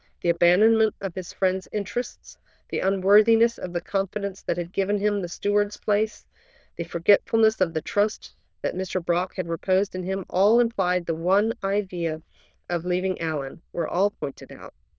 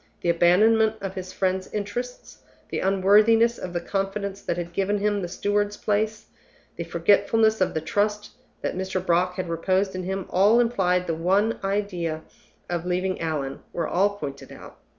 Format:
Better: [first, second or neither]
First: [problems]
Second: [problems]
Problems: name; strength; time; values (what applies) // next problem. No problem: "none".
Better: second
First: noise reduction (neural diffusion model UNIVERSE++)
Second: none